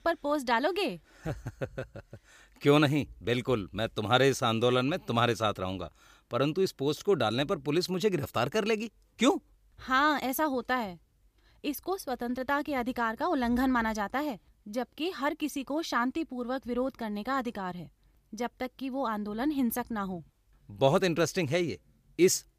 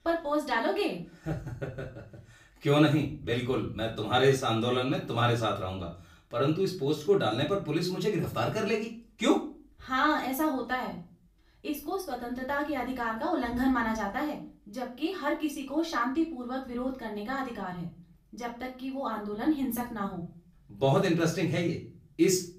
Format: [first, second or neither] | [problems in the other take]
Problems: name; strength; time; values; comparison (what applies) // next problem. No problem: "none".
first | off-mic speech; far // room echo; slight; dies away in 0.4 s